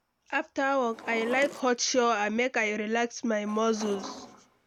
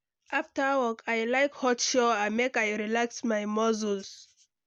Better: second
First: background sound (Drawer open or close); 16 dB below the speech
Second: none

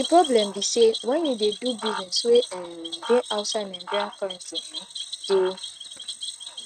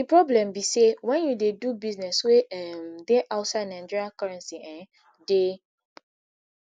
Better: second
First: noise reduction (neural mask model RNNoise)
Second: none

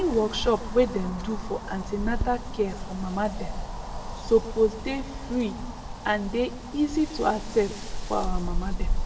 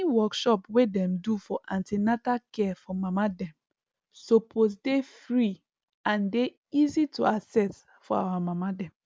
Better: second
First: background sound (Wind); 4 dB below the speech // room echo; dies away in 0.9 s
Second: none

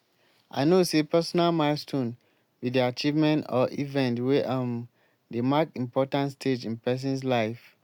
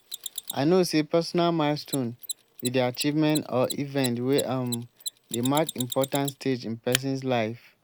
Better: first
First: none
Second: background sound (Mechanisms); 12 dB below the speech

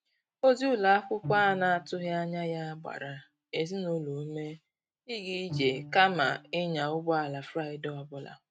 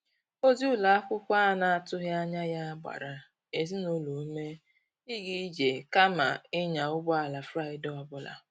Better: second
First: noise reduction (neural mask model RNNoise)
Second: none

